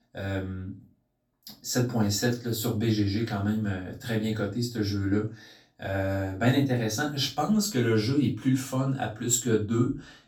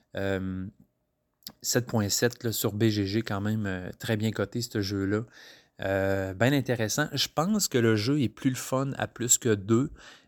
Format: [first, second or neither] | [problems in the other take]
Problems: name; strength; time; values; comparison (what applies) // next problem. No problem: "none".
second | off-mic speech; far // room echo; slight; dies away in 0.3 s